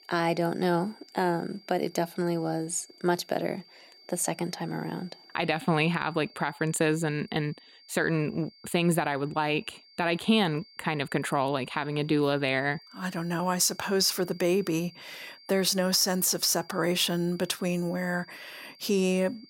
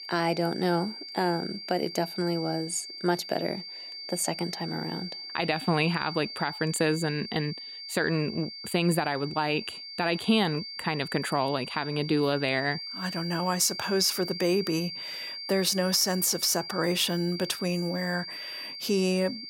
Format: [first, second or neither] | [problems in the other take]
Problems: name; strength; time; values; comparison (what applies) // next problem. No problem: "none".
first | high-pitched whine; loud; throughout; 4.5 kHz, 9 dB below the speech; faint in the first